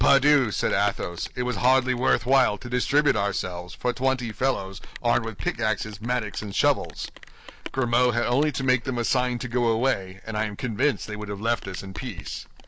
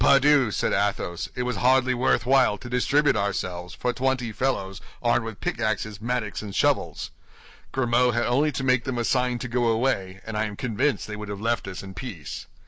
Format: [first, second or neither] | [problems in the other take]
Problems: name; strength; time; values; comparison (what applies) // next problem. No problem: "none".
second | background sound (Rain); 20 dB below the speech